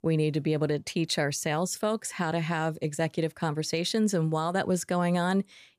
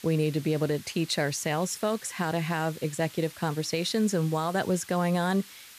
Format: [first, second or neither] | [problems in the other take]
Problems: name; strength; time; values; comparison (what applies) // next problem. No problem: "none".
first | hiss; noticeable; throughout; 20 dB below the speech